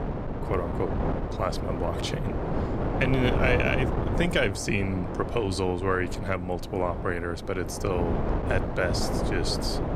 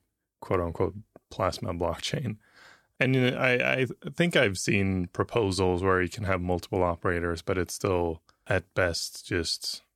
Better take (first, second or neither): second